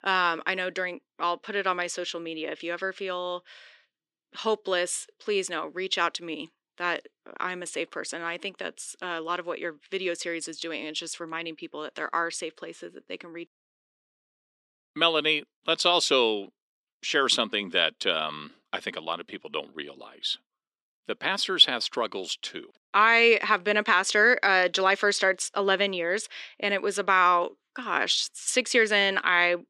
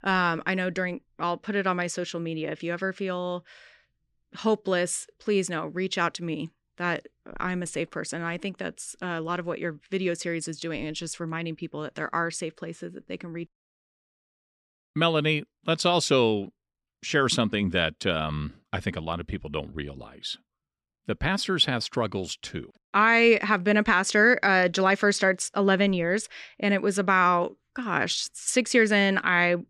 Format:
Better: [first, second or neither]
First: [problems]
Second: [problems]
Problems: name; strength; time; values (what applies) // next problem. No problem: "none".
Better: second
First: thin; somewhat; fading below 300 Hz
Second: none